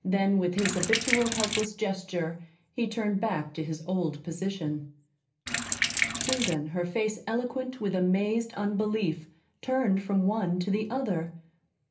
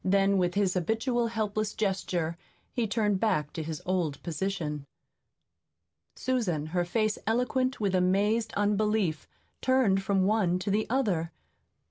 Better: second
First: background sound (Sink (filling or washing)); as loud as the speech // room echo; dies away in 0.3 s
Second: none

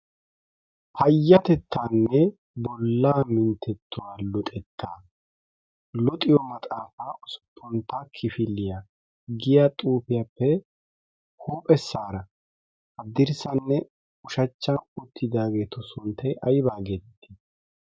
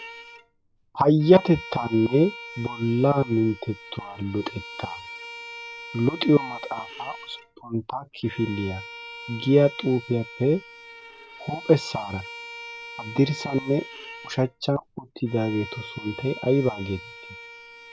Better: first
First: none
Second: background sound (Bowed string instrument); 15 dB below the speech

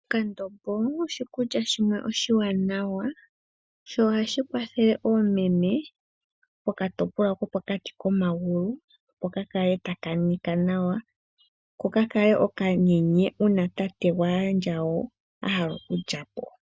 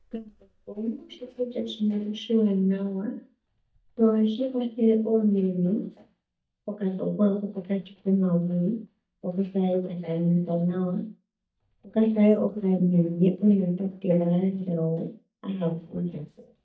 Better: first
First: none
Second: noise reduction (neural mask model DeepFilterNet 3)

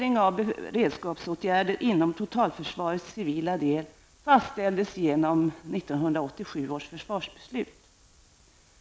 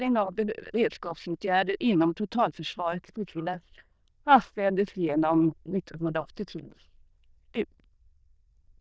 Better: first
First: none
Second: noise reduction (neural diffusion model UNIVERSE++)

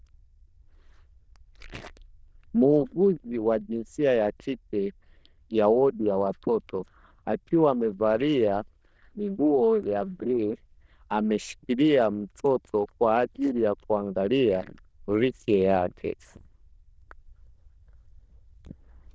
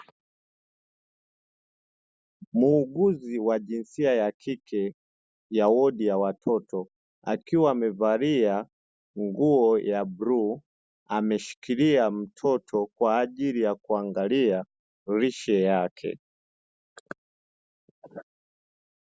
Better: second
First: noise reduction (neural diffusion model UNIVERSE++)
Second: none

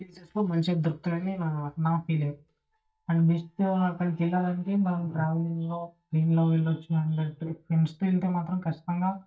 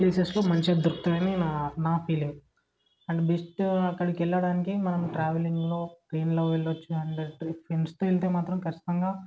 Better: second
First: noise reduction (neural mask model DeepFilterNet 3)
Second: none

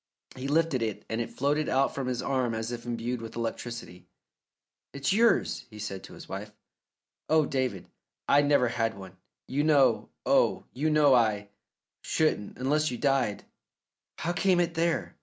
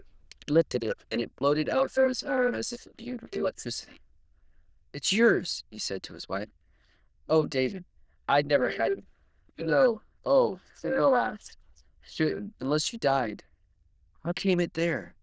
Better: first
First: none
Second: noise reduction (neural diffusion model UNIVERSE++)

